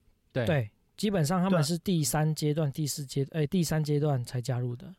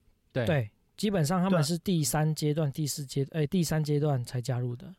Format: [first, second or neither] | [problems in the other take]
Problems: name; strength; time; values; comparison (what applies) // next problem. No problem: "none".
neither | none